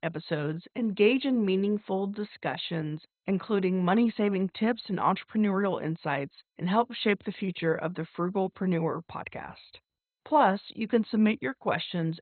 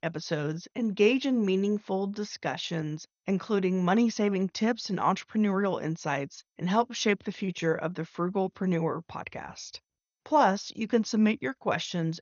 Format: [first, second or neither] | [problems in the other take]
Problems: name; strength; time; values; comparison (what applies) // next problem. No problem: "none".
second | garbled, watery; badly; nothing above 4 kHz; slightly in the second